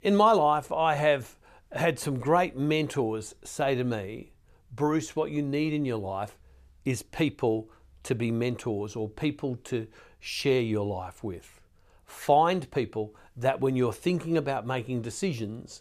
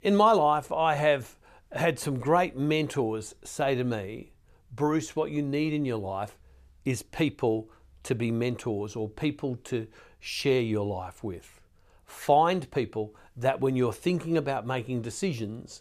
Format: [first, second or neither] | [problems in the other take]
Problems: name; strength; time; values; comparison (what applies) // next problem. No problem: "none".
neither | none